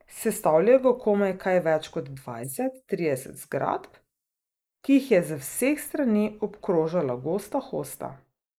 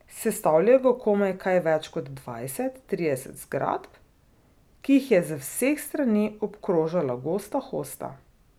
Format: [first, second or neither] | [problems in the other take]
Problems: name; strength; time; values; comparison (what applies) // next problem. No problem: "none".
second | noise reduction (neural mask model Resemble Enhance denoiser)